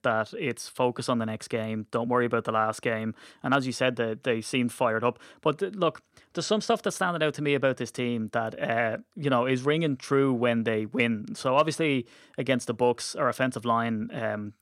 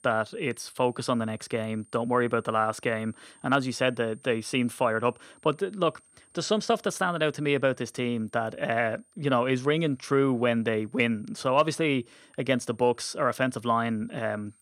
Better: first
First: none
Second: high-pitched whine; faint; throughout; 8.5 kHz, 30 dB below the speech

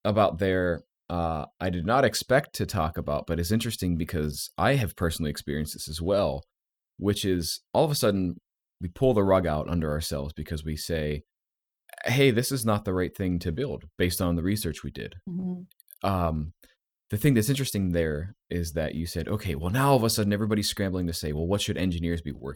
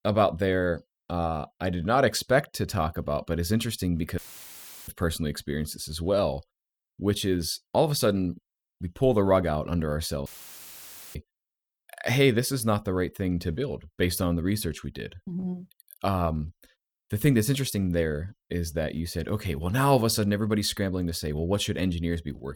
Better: first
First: none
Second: audio cutting out; filled with static; at 4 s for 0.5 s and at 10 s for 1 s

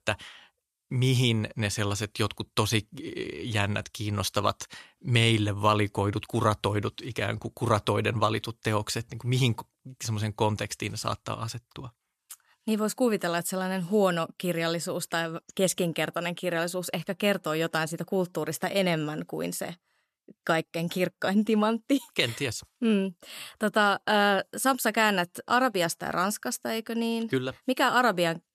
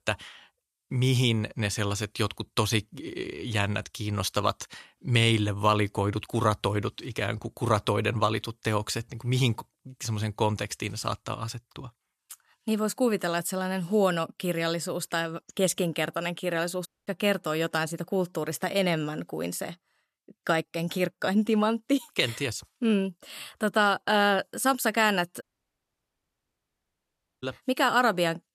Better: first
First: none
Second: audio cutting out; at 17 s and at 25 s for 2 s

